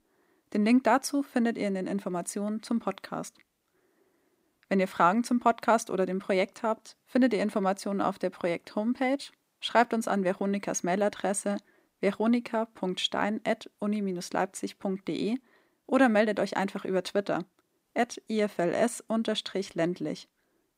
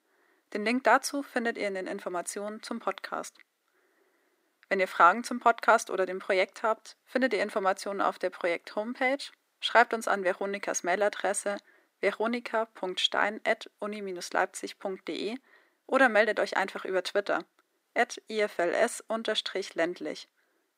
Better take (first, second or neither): first